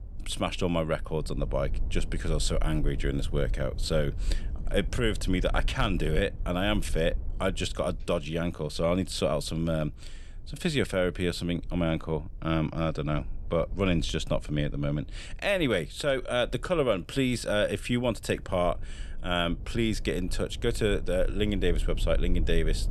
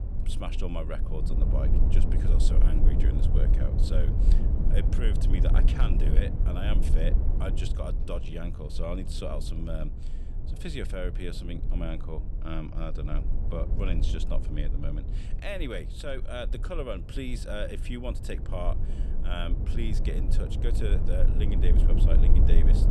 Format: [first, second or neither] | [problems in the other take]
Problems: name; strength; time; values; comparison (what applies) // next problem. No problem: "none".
first | low rumble; loud; throughout; 5 dB below the speech; faint in the first